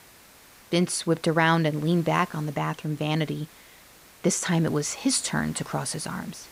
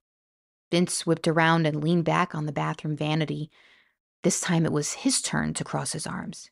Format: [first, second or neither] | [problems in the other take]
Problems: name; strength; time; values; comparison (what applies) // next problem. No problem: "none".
second | hiss; faint; throughout; 25 dB below the speech